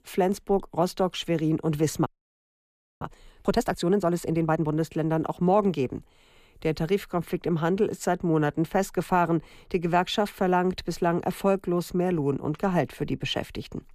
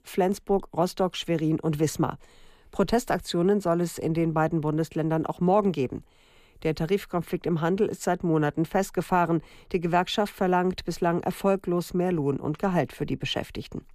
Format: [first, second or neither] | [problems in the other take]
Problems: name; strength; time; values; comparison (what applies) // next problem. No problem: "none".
second | audio freezing; at 2 s for 1 s